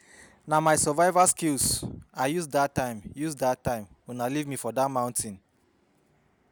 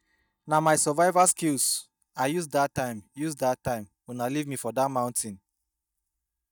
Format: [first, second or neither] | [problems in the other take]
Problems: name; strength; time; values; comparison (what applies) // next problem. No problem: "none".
first | noise reduction (neural mask model DeepFilterNet 3)